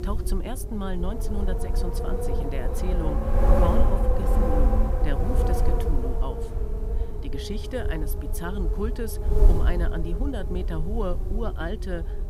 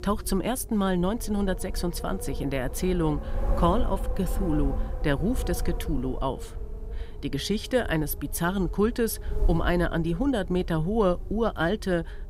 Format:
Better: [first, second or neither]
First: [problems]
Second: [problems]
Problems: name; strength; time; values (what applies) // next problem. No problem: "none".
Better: second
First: wind noise on the microphone; heavy; 2 dB above the speech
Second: wind noise on the microphone; occasional gusts; 15 dB below the speech